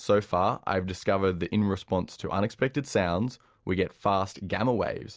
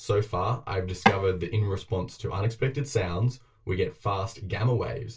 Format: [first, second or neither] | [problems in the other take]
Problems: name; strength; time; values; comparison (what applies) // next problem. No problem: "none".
first | background sound (Tap / Wood); 2 dB above the speech // room echo; dies away in 0.2 s